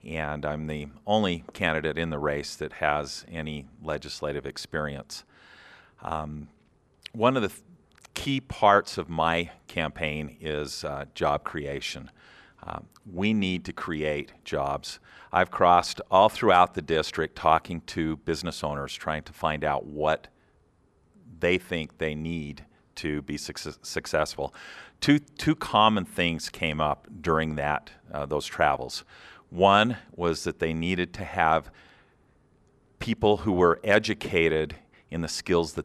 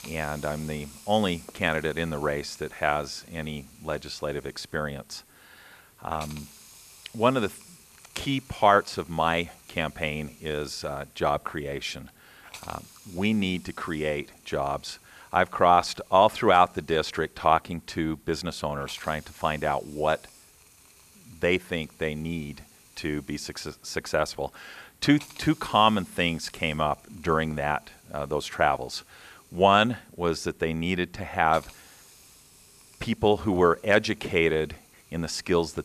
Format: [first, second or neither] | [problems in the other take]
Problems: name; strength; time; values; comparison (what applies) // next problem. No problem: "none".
first | hiss; faint; throughout; 25 dB below the speech